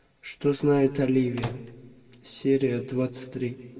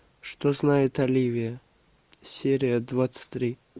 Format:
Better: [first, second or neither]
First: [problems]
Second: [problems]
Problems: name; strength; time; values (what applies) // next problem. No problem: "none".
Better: second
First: background sound (Microwave oven); 12 dB below the speech // room echo; dies away in 1.3 s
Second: none